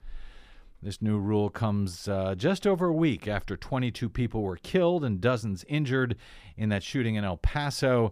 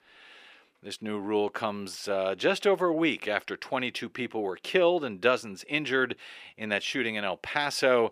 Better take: first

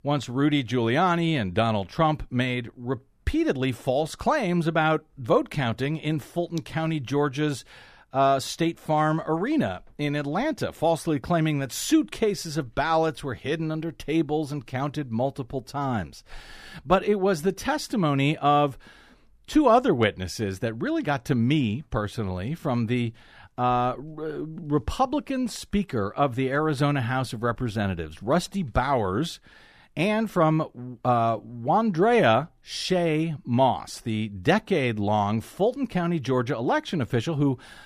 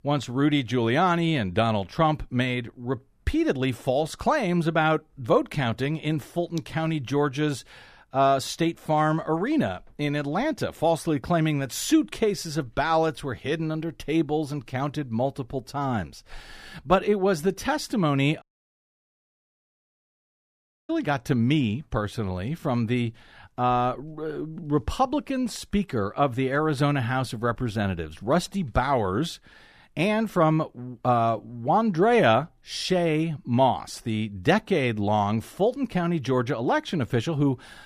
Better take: first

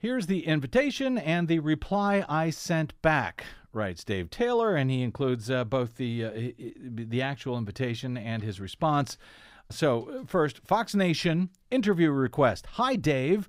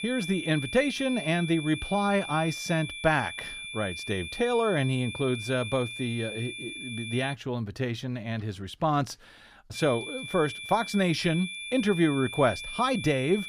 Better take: first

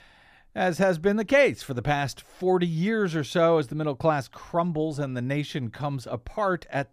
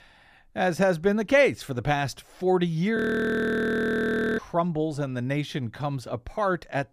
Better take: first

